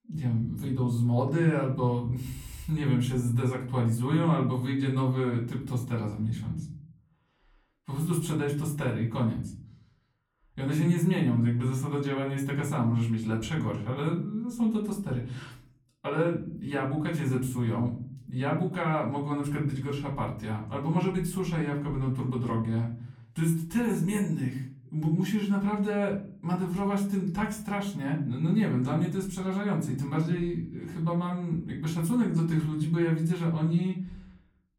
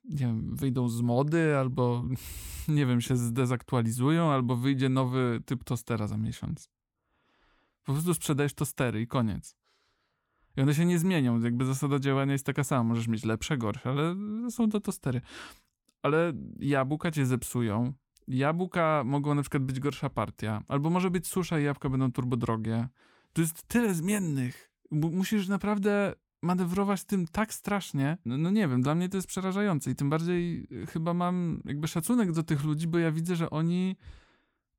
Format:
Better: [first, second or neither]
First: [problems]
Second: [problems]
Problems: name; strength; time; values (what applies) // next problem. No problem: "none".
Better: second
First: off-mic speech; far // room echo; slight; dies away in 0.6 s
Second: none